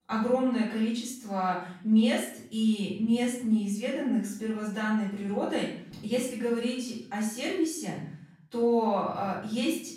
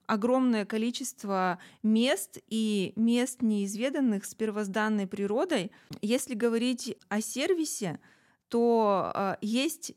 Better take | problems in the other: second | room echo; noticeable; dies away in 0.7 s // off-mic speech; far

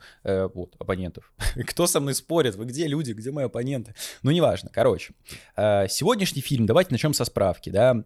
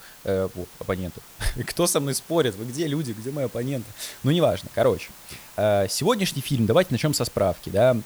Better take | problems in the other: first | hiss; noticeable; throughout; 20 dB below the speech

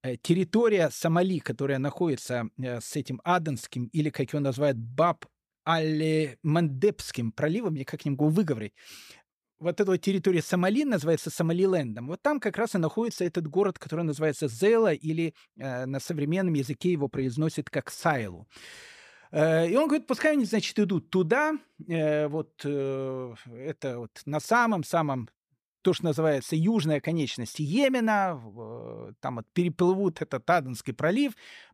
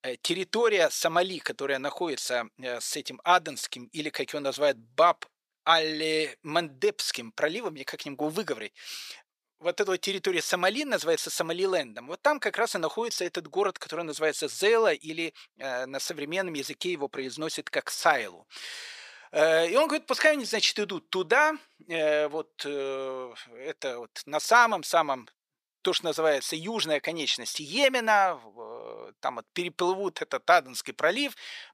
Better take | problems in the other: first | thin; very; fading below 550 Hz

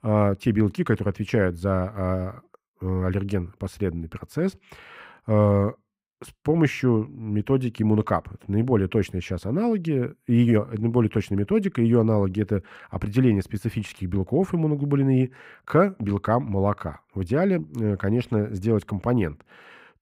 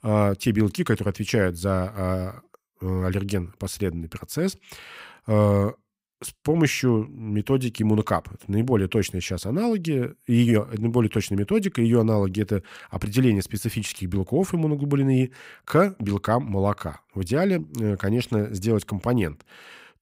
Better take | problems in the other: second | muffled; slightly; fading above 3 kHz

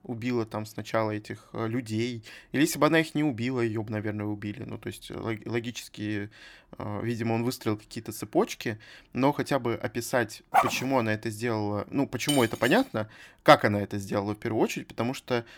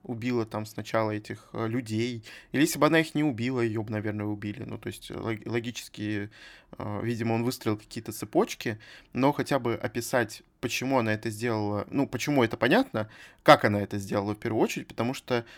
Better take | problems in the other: second | dog barking; loud; at 11 s; peak 3 dB above the speech // clattering dishes; noticeable; at 12 s; peak 4 dB below the speech

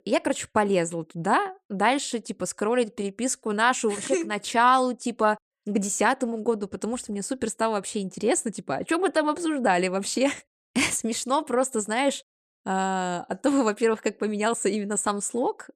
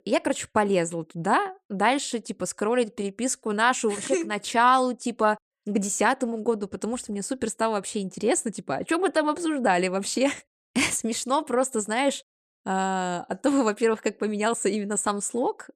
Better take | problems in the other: neither | none

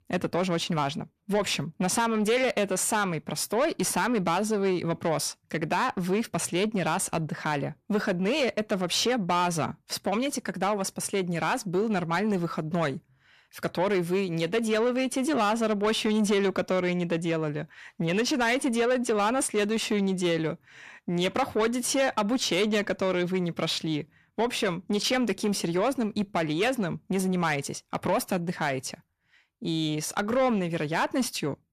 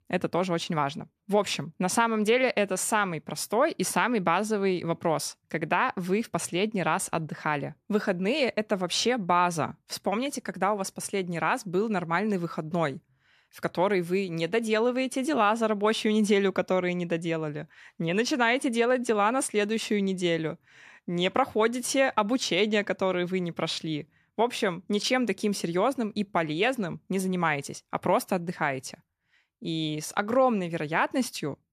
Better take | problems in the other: second | distortion; slight; 10 dB below the speech

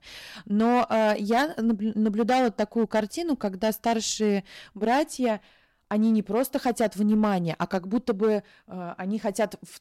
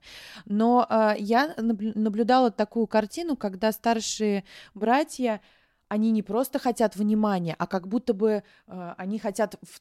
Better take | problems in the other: second | distortion; slight; 6% of the sound clipped

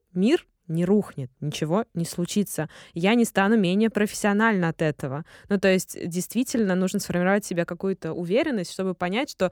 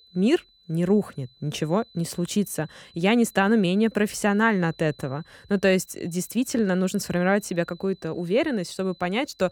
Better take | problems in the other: first | high-pitched whine; faint; throughout; 4 kHz, 30 dB below the speech

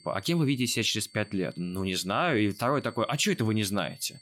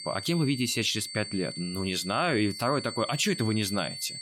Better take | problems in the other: first | high-pitched whine; loud; throughout; 4.5 kHz, 9 dB below the speech; faint in the first

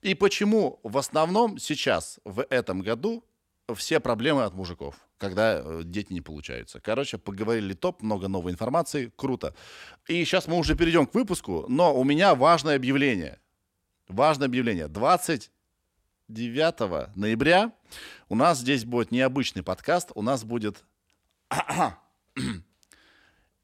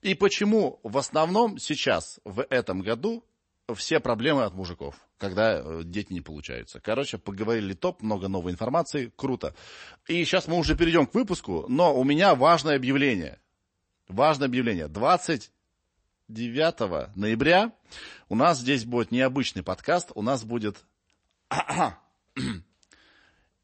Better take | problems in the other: first | garbled, watery; slightly; nothing above 8 kHz

